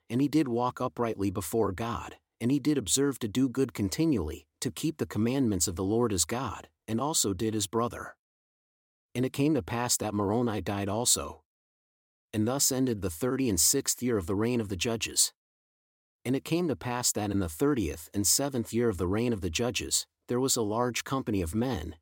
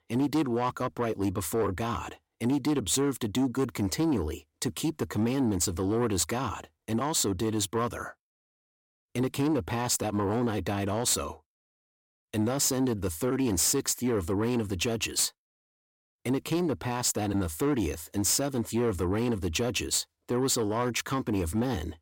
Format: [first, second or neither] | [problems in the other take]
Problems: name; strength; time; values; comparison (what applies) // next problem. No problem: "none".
first | distortion; slight; 10 dB below the speech